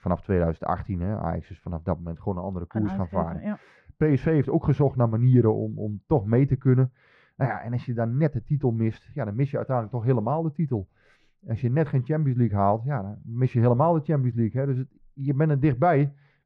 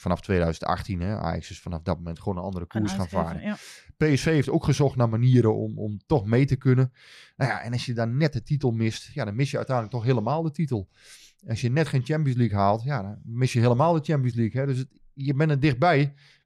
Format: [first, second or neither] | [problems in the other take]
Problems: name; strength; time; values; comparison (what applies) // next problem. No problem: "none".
second | muffled; very; fading above 3.5 kHz